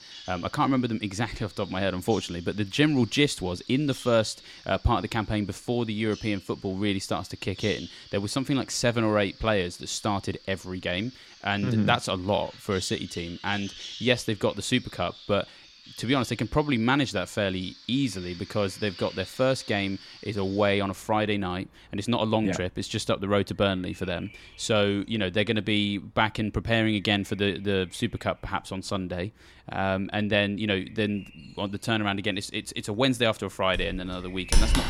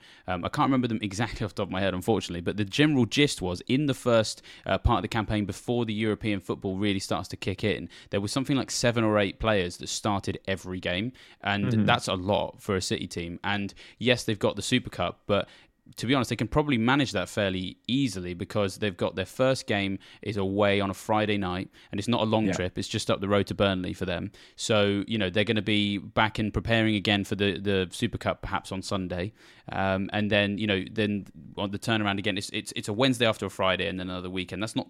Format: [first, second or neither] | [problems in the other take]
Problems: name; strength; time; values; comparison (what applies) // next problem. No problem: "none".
second | animal sounds; noticeable; throughout; 15 dB below the speech